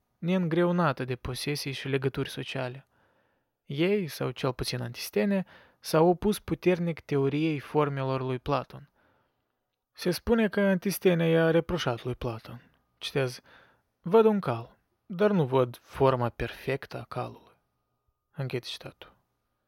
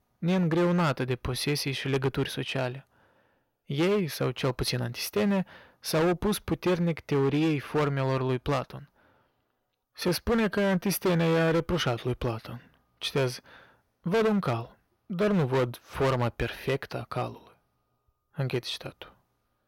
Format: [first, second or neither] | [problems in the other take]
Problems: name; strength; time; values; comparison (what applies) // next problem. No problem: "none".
first | distortion; heavy; 10% of the sound clipped